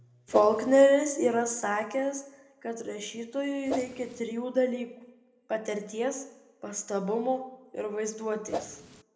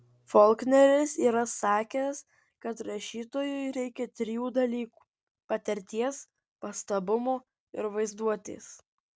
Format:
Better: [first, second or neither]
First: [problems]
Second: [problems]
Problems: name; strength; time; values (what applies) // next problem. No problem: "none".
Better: second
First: background sound (Whoosh, swoosh, swish); 8 dB below the speech // room echo; dies away in 0.7 s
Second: none